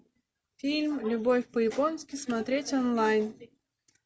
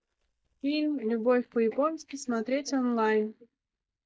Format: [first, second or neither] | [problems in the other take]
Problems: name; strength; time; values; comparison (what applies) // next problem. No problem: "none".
first | noise reduction (neural mask model DeepFilterNet 3)